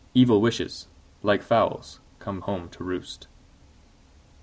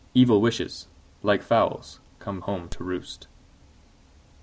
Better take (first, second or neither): first